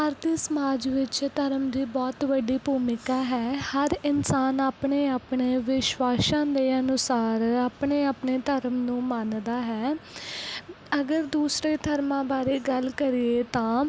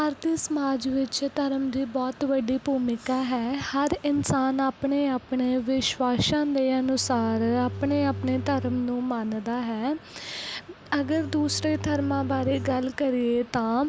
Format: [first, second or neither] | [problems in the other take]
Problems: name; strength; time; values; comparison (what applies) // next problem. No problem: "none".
first | background sound (Bowed string instrument); 10 dB below the speech